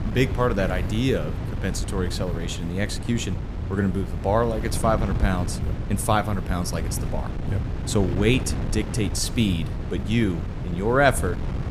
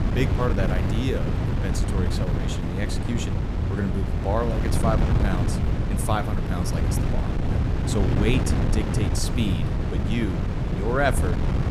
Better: first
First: wind noise on the microphone; occasional gusts; 10 dB below the speech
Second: wind noise on the microphone; heavy; 3 dB below the speech

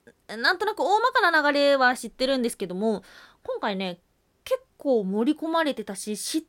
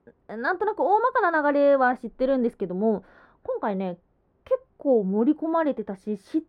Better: first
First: none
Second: muffled; very; fading above 2.5 kHz

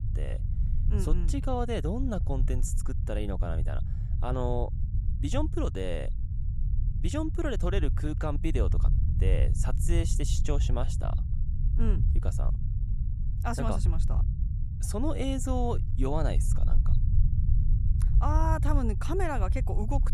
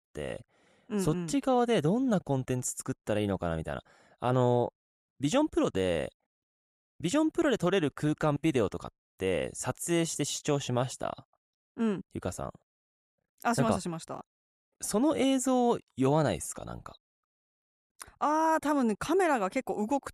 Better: second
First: low rumble; noticeable; throughout; 10 dB below the speech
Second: none

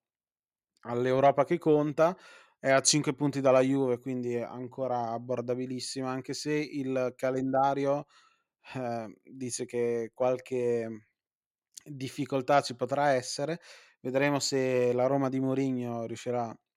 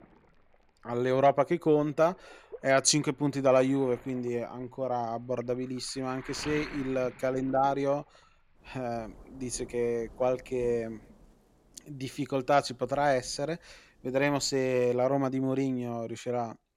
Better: first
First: none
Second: rain or running water; faint; throughout; 20 dB below the speech

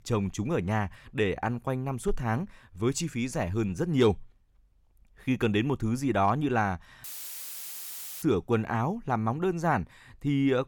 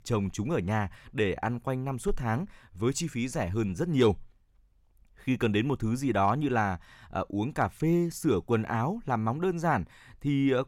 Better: second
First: audio cutting out; filled with static; at 7 s for 1 s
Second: none

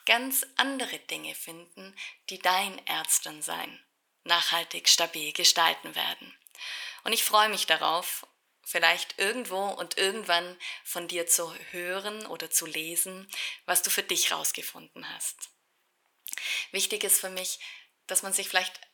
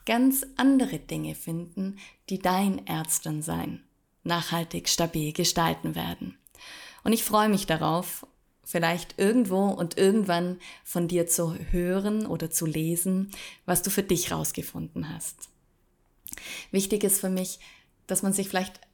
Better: second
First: thin; very; fading below 650 Hz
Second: none

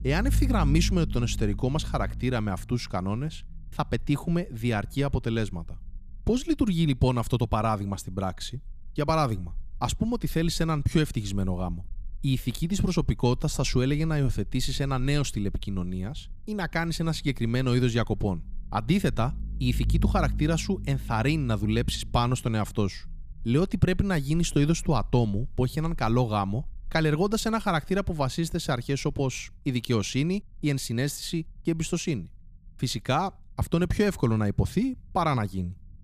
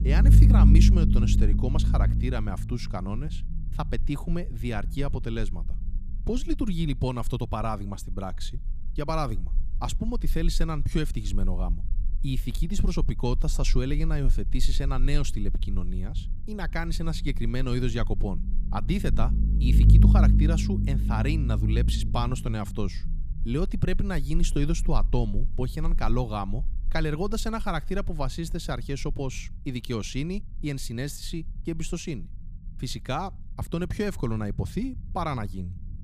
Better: first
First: low rumble; faint; throughout; 20 dB below the speech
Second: low rumble; loud; throughout; 5 dB below the speech

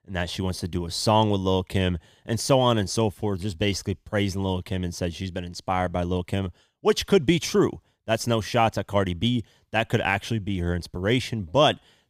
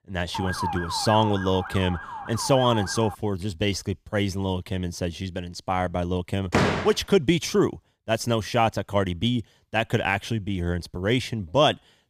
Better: first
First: none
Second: siren; noticeable; until 3 s; peak 5 dB below the speech // door banging; loud; at 6.5 s; peak 3 dB above the speech

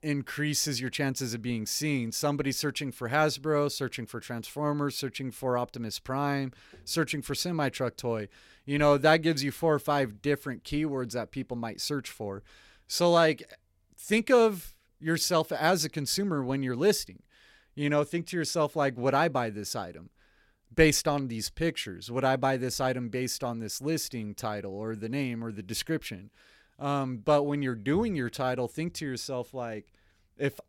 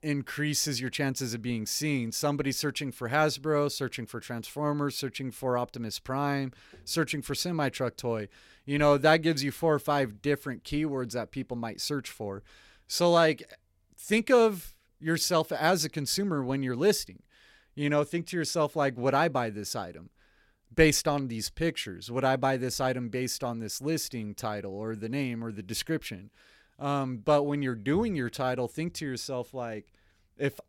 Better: neither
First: none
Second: none

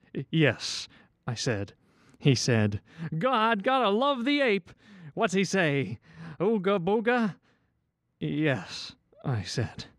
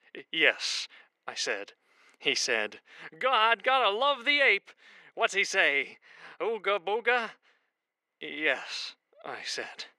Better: first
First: none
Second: thin; very; fading below 450 Hz

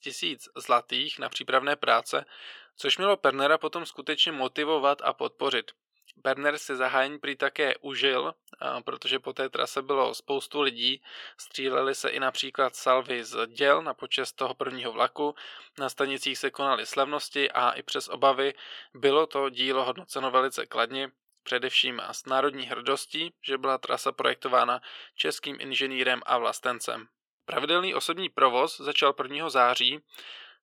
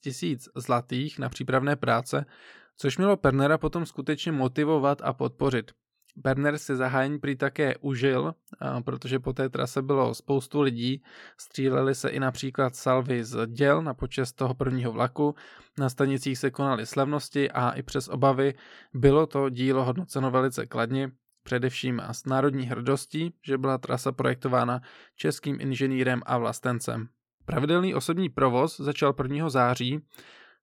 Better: second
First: thin; somewhat; fading below 550 Hz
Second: none

